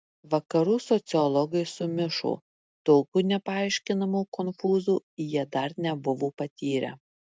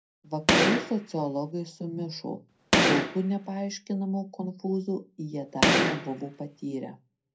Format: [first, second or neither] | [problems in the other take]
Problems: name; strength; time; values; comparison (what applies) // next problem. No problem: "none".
first | background sound (Gunshot, gunfire); 5 dB above the speech // room echo; dies away in 0.2 s